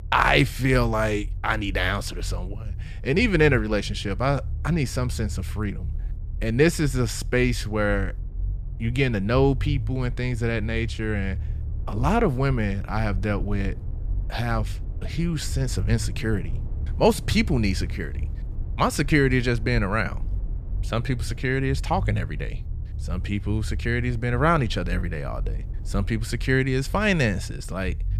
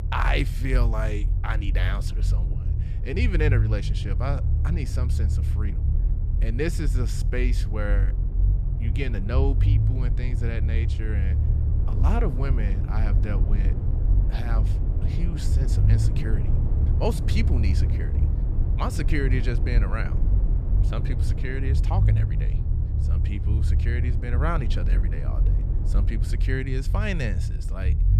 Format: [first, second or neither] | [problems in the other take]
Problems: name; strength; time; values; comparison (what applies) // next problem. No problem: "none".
first | low rumble; loud; throughout; 7 dB below the speech; faint in the first